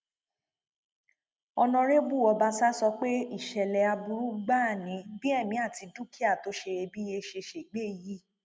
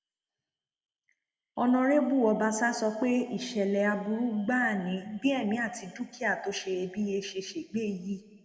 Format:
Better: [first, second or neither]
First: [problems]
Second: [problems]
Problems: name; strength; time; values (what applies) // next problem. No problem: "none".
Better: first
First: none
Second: room echo; dies away in 1.2 s